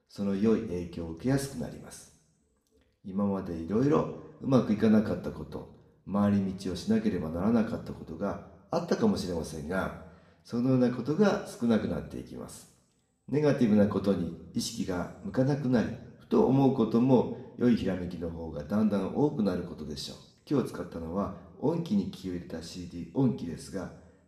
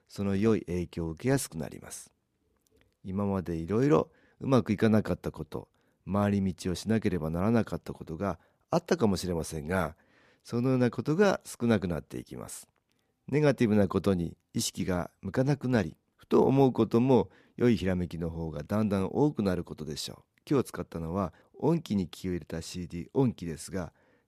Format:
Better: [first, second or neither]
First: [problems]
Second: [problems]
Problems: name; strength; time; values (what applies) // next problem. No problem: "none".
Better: second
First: room echo; slight; dies away in 0.7 s // off-mic speech; somewhat distant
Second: none